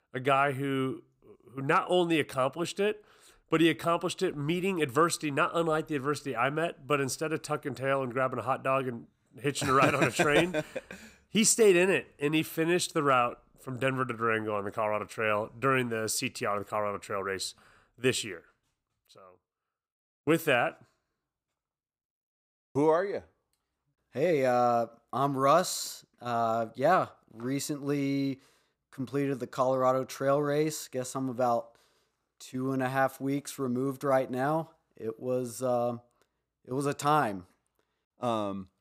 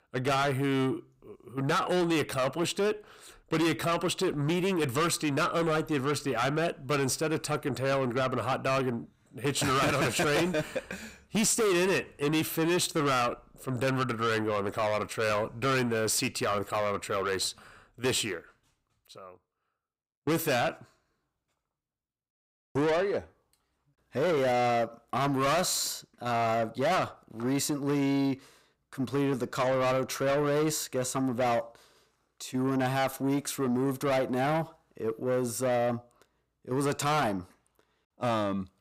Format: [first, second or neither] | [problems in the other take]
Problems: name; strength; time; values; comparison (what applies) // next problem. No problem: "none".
first | distortion; heavy; 6 dB below the speech